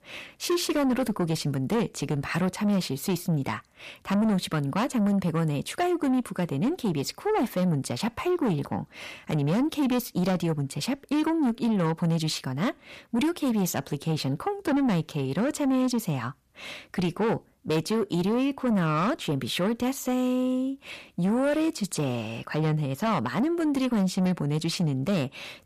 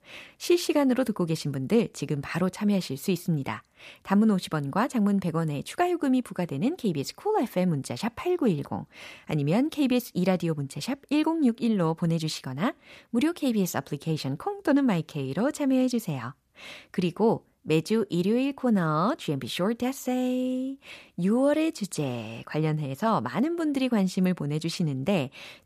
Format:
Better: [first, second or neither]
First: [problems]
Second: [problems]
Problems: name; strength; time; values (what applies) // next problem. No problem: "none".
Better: second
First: distortion; slight; 10 dB below the speech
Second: none